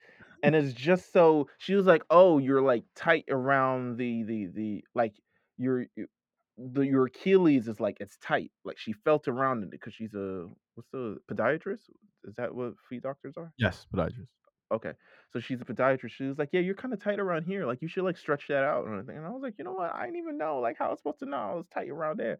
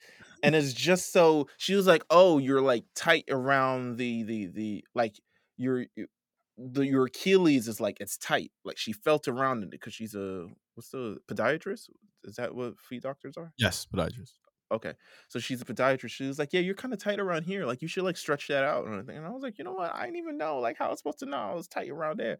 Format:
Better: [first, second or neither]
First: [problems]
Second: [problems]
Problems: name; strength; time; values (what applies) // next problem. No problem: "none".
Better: second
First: muffled; very; fading above 4 kHz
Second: none